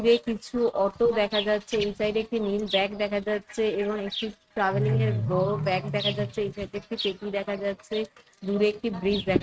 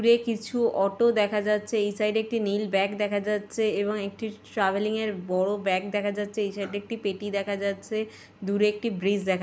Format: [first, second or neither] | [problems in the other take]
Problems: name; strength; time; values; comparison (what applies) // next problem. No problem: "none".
second | noise reduction (neural mask model RNNoise)